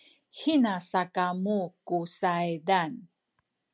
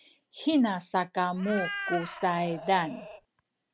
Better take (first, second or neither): first